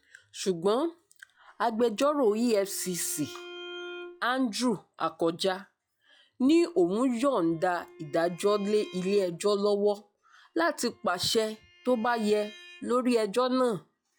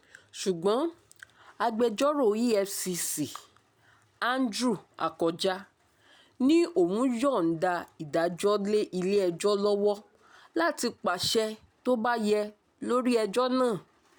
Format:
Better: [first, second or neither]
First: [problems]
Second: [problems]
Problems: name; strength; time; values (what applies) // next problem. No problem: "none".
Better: second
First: noise reduction (classical method log-MMSE)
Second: none